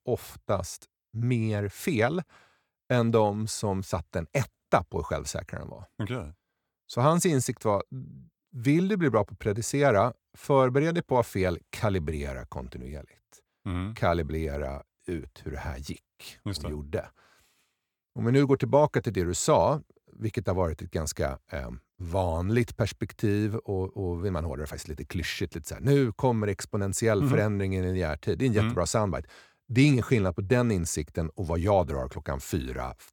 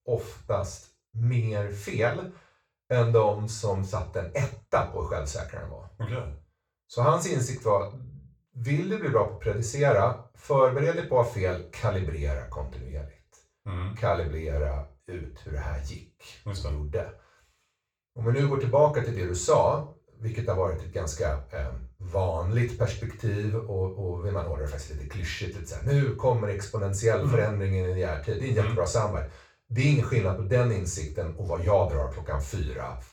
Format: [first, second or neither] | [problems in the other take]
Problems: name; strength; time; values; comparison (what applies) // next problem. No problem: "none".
first | room echo; noticeable; dies away in 0.3 s // off-mic speech; far